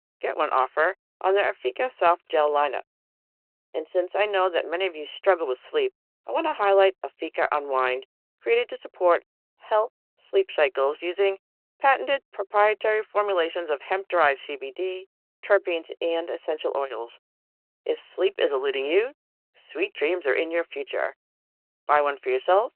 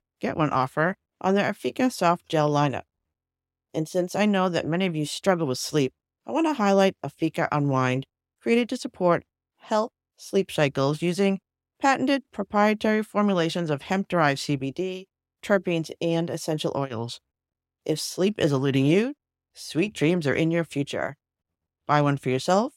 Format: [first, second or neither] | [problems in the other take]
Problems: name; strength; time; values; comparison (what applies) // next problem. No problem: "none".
second | phone-call audio